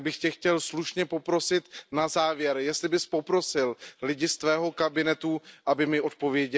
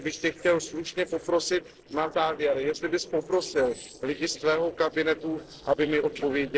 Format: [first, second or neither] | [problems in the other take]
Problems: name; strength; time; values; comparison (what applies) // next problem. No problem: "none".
first | noise reduction (neural separator model SepFormer DNS4)